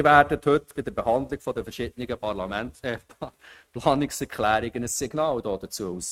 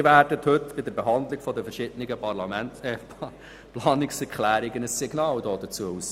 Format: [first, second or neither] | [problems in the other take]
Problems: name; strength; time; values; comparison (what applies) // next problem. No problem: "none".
second | noise reduction (neural mask model RNNoise)